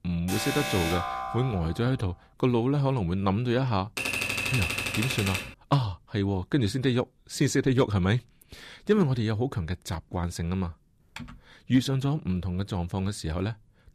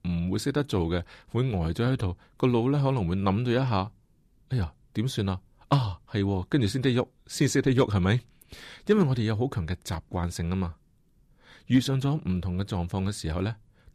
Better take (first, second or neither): second